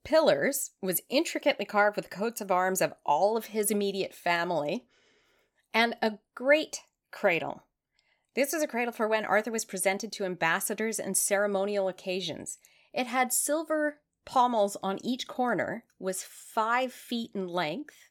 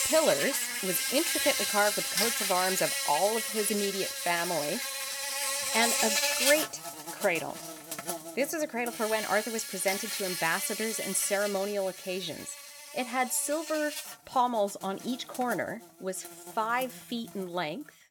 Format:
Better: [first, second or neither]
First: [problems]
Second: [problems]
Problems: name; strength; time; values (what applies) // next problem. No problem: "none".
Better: first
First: none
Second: animal sounds; very loud; throughout; as loud as the speech